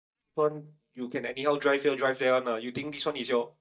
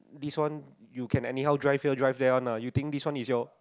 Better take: second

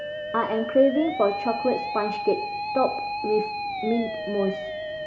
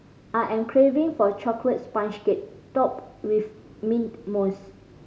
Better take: second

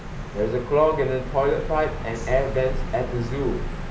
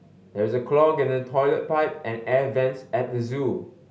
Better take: second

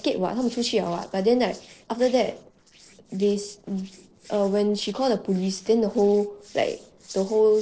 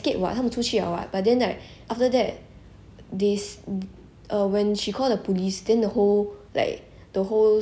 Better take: second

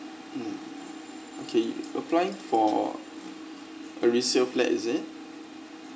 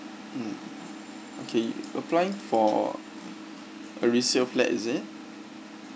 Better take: second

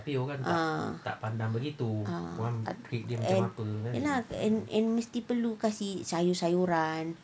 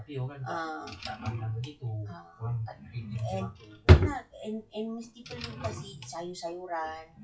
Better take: first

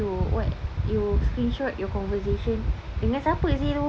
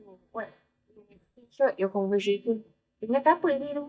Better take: first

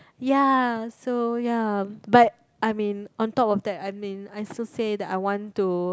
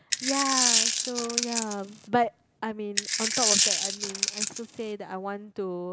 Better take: first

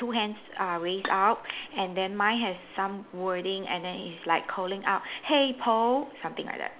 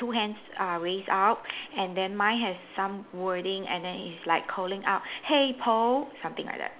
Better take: second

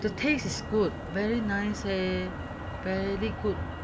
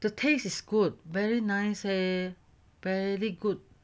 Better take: second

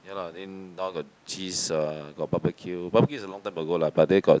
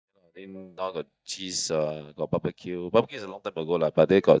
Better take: first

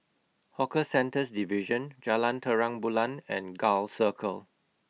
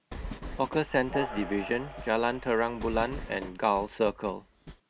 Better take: first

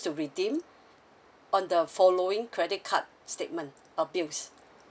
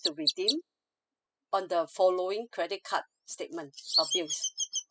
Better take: first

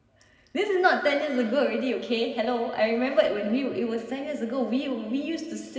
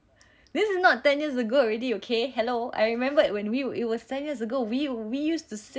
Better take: second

